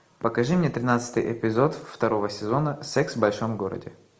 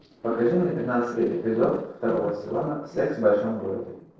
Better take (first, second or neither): first